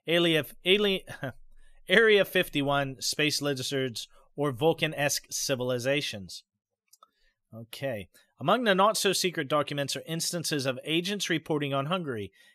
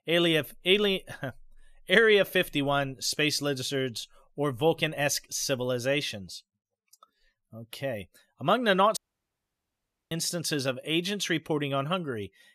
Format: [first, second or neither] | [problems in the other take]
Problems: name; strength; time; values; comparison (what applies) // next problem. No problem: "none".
first | audio cutting out; at 9 s for 1 s